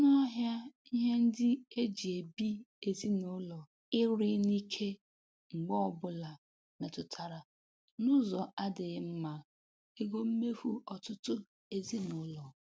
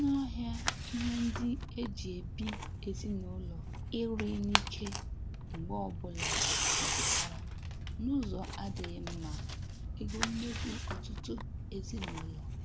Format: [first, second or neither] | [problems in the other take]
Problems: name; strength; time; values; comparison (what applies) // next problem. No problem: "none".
first | background sound (Tearing); 2 dB above the speech